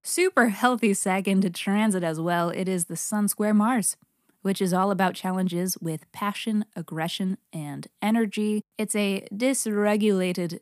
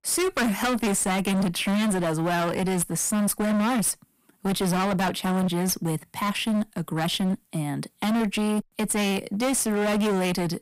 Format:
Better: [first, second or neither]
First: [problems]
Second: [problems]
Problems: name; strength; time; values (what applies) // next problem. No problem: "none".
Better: first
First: none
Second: distortion; heavy; 29% of the sound clipped